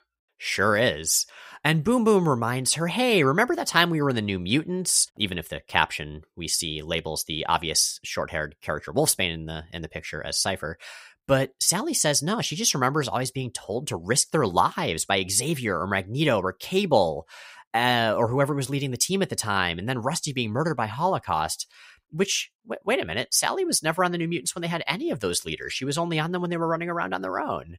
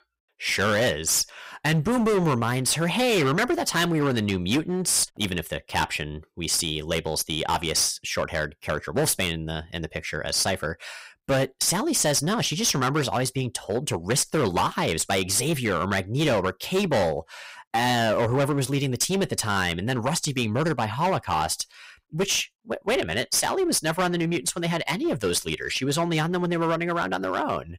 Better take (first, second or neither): first